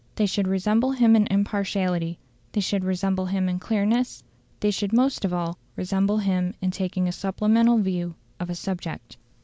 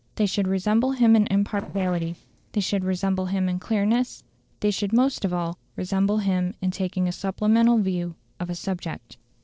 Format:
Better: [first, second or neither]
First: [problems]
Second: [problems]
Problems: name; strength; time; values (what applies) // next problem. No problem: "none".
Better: first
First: none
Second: noise reduction (neural separator model SepFormer DNS4)